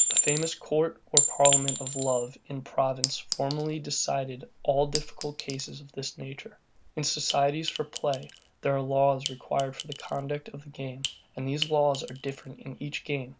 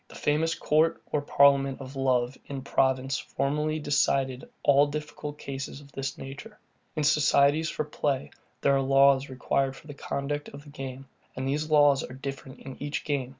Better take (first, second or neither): second